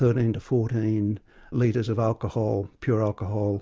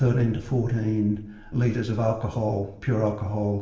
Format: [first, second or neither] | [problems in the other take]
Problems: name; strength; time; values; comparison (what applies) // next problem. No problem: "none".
first | room echo; dies away in 0.8 s